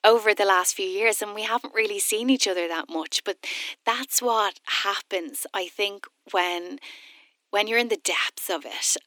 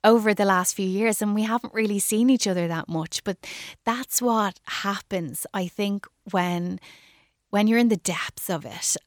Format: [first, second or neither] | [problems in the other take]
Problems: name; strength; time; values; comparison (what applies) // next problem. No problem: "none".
second | thin; somewhat; fading below 250 Hz